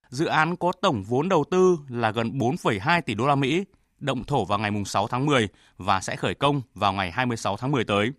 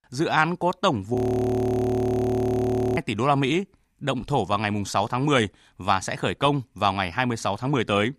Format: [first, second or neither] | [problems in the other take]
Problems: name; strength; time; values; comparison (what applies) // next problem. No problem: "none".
first | audio freezing; at 1 s for 2 s